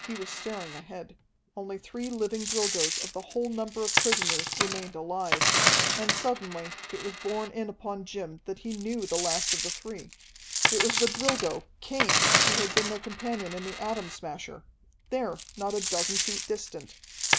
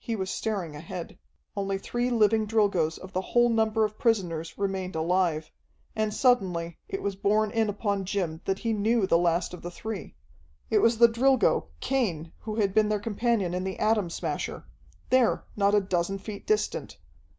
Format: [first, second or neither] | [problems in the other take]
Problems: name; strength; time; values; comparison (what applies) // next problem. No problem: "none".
second | background sound (Coin (dropping)); 3 dB above the speech